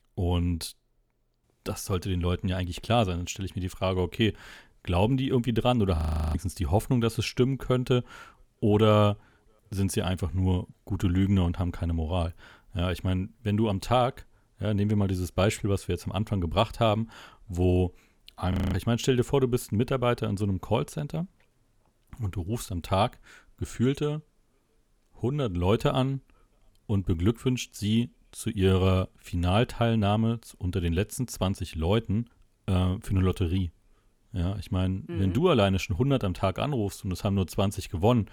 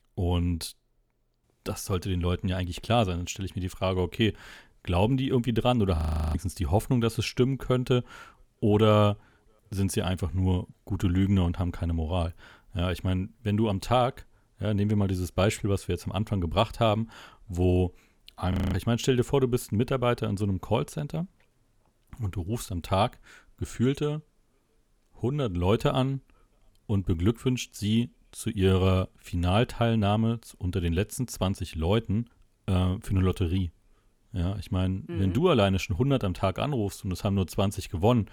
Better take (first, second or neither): neither